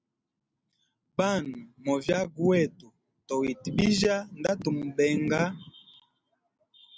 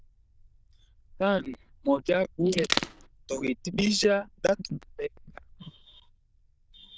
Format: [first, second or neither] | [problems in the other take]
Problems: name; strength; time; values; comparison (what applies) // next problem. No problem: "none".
first | noise reduction (neural diffusion model UNIVERSE++)